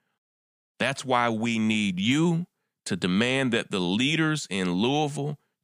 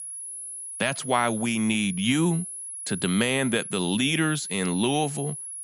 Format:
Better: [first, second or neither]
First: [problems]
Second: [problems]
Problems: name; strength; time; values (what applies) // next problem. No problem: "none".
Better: first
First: none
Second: high-pitched whine; loud; throughout; 10.5 kHz, 8 dB below the speech